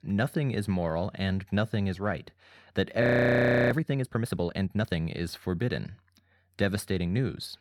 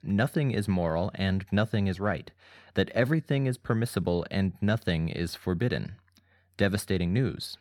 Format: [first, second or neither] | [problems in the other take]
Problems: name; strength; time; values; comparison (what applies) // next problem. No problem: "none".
second | audio freezing; at 3 s for 0.5 s